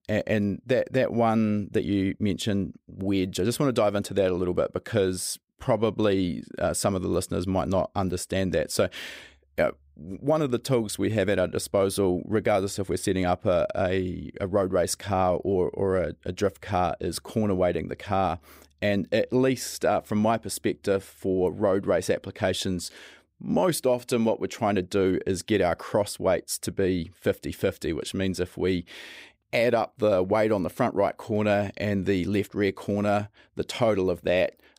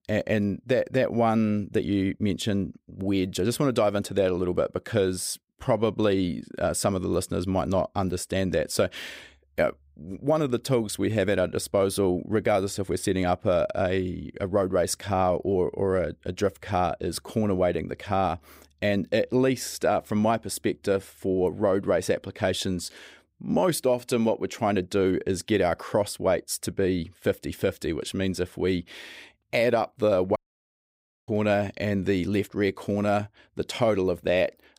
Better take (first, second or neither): first